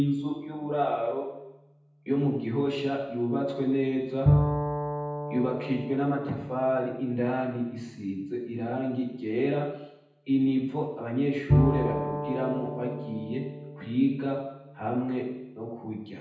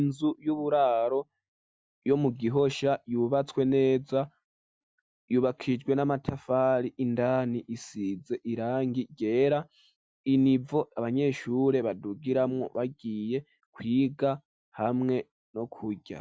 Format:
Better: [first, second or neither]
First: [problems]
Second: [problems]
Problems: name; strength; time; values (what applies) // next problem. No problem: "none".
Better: second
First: background sound (Bowed string instrument); 4 dB below the speech // room echo; dies away in 0.8 s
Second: none